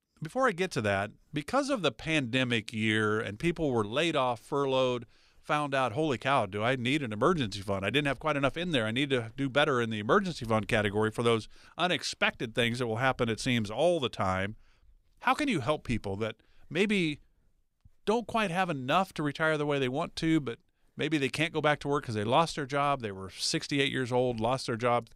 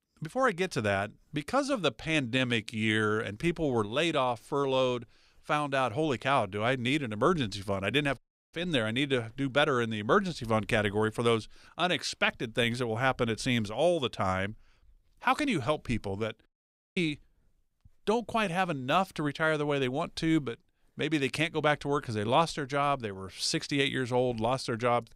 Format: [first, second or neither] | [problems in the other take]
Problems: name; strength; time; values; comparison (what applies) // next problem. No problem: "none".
first | audio cutting out; at 8 s and at 16 s for 0.5 s